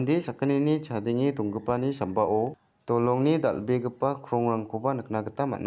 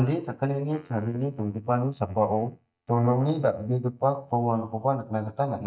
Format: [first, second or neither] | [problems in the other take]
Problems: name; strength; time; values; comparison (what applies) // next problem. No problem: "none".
first | noise reduction (neural mask model DeepFilterNet 3)